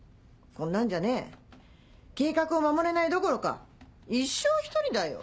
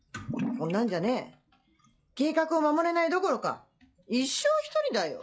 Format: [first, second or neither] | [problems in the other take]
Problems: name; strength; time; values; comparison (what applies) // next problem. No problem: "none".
first | noise reduction (classical method log-MMSE)